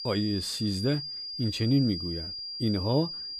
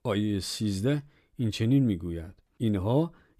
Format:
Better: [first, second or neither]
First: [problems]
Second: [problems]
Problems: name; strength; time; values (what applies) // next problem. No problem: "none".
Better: second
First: high-pitched whine; loud; throughout; 5 kHz, 5 dB below the speech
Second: none